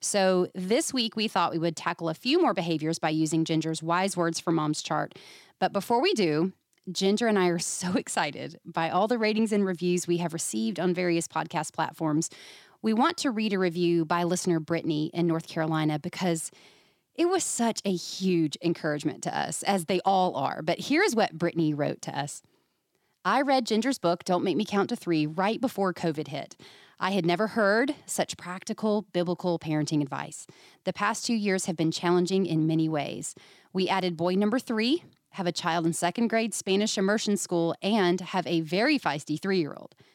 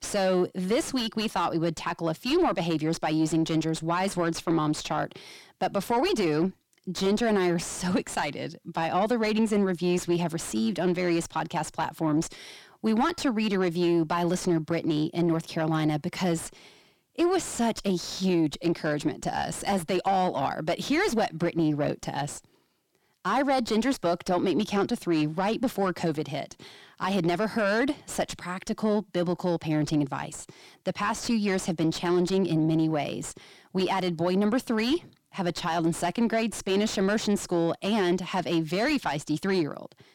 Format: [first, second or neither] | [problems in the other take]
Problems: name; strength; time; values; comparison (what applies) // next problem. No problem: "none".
first | distortion; slight; 10 dB below the speech